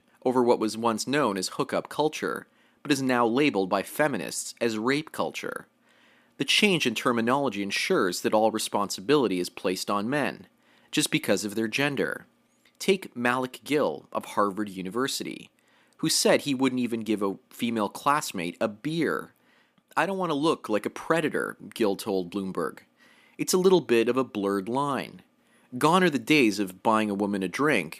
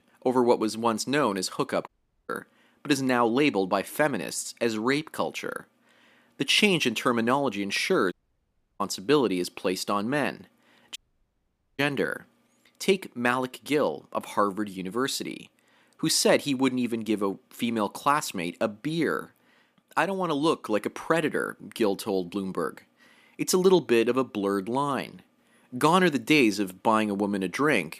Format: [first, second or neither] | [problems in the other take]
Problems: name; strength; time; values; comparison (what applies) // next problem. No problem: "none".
first | audio cutting out; at 2 s, at 8 s for 0.5 s and at 11 s for 1 s